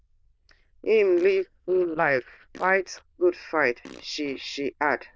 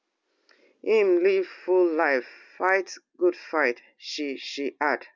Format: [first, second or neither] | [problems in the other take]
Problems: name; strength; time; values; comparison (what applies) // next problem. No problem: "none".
second | noise reduction (neural diffusion model UNIVERSE++)